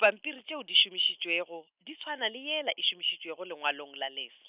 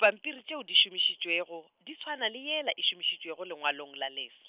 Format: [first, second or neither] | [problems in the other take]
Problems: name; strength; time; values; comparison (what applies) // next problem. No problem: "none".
second | noise reduction (neural mask model Resemble Enhance denoiser)